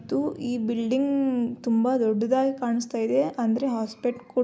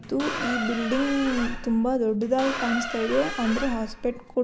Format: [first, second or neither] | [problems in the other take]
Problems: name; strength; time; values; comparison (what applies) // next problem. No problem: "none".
first | background sound (Squeak); 7 dB below the speech